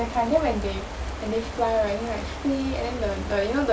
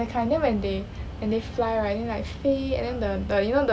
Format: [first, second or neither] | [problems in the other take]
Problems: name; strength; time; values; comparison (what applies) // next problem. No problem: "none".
second | background sound (Stream); 12 dB below the speech // room echo; dies away in 0.2 s